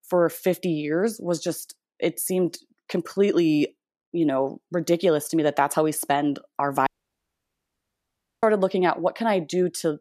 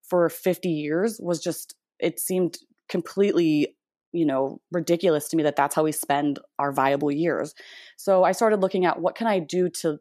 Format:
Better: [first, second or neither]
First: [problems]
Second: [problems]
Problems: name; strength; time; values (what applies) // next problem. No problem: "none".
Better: second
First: audio cutting out; at 7 s for 1.5 s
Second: none